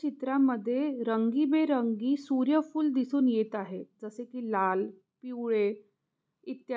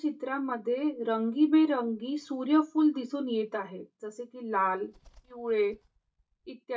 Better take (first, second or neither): first